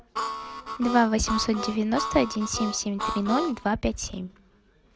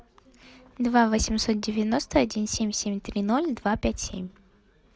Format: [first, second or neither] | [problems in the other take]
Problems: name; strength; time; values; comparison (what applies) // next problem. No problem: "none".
second | background sound (Harmonica); 6 dB below the speech